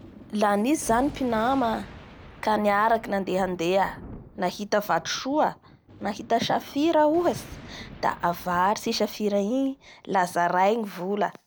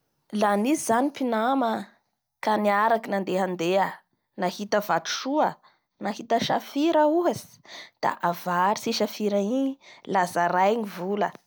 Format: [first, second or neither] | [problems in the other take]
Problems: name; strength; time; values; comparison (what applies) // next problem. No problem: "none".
second | background sound (Thunder); 20 dB below the speech